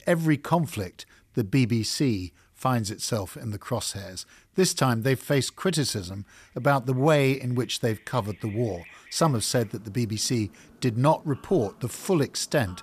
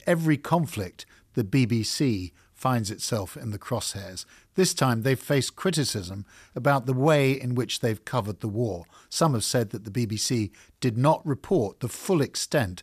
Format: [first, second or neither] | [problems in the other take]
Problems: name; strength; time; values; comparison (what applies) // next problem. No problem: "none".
second | animal sounds; faint; throughout; 25 dB below the speech